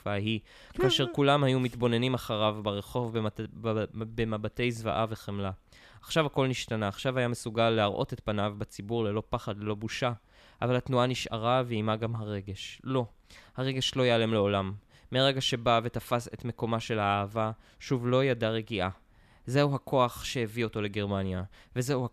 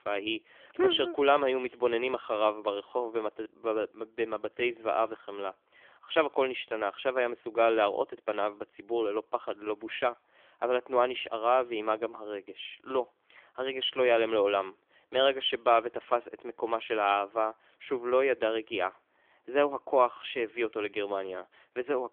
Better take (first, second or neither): first